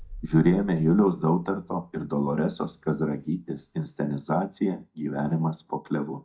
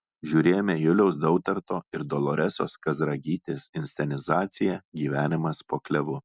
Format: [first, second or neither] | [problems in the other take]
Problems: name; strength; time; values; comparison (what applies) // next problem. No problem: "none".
second | noise reduction (neural mask model DeepFilterNet 3)